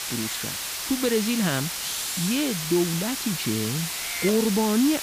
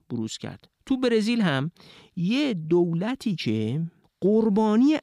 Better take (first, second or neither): second